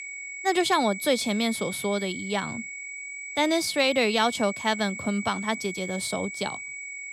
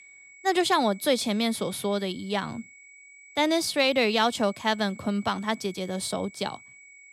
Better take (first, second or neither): second